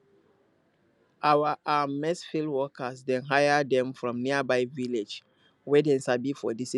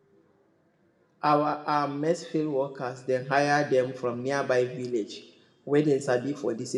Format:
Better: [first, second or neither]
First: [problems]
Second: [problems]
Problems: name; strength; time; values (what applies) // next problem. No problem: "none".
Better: first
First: none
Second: room echo; dies away in 0.7 s